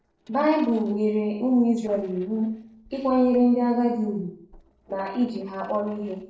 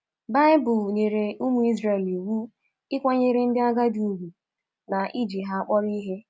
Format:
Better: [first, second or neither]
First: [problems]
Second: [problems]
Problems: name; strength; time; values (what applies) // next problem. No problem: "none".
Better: second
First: noise reduction (neural separator model SepFormer DNS4)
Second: none